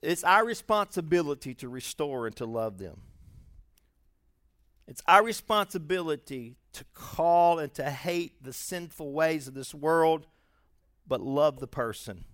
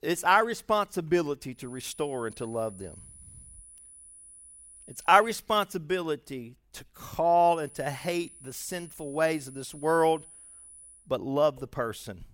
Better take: first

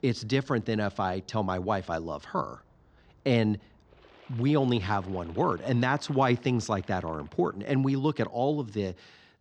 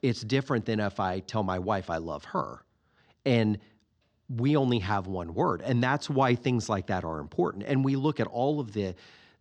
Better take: second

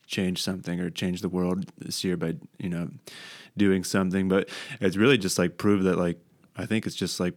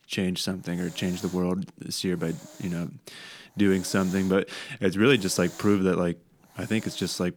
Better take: first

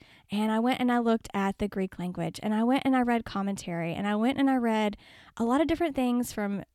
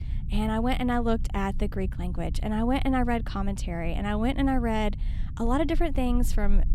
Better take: first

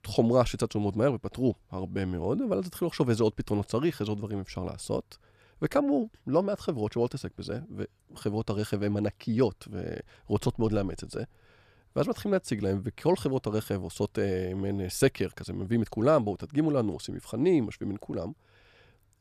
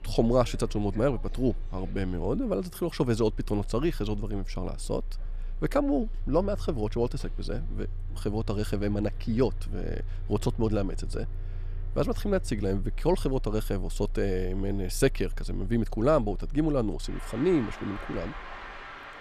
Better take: first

